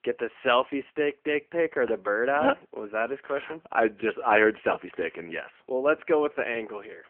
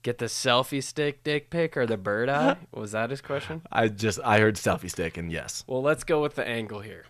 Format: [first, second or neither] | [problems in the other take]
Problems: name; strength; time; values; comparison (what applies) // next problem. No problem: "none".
second | phone-call audio; nothing above 3 kHz